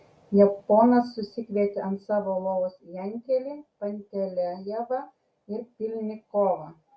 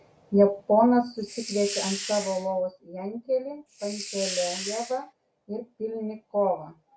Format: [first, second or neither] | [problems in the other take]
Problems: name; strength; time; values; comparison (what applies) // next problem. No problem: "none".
first | background sound (Hiss); 8 dB below the speech